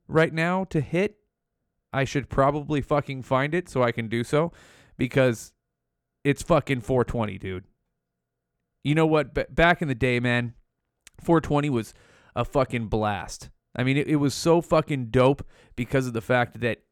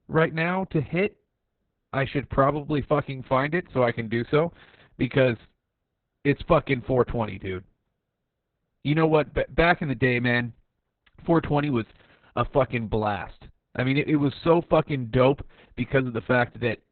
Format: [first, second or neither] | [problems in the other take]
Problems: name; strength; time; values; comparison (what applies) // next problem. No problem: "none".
first | garbled, watery; badly; nothing above 4 kHz